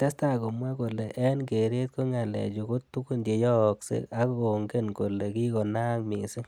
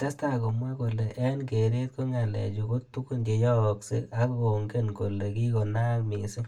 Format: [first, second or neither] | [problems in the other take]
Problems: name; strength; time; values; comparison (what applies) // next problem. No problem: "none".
first | room echo; dies away in 0.2 s